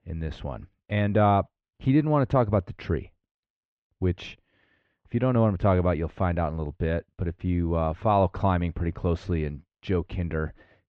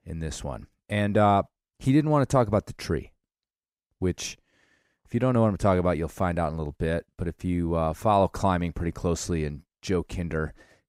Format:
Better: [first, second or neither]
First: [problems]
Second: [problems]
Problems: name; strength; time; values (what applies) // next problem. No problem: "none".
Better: second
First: muffled; very; fading above 3.5 kHz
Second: none